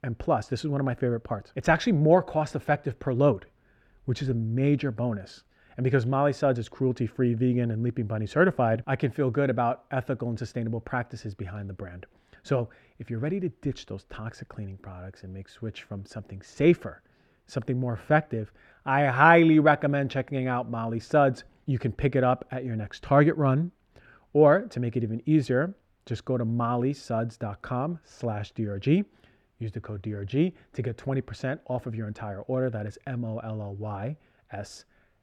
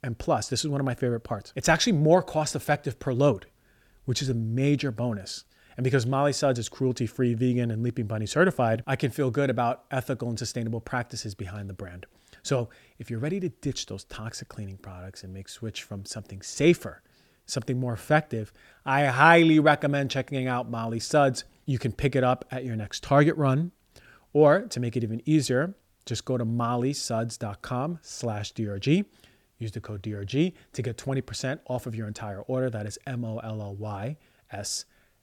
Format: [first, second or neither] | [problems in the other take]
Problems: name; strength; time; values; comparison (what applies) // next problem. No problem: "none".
second | muffled; slightly; fading above 3.5 kHz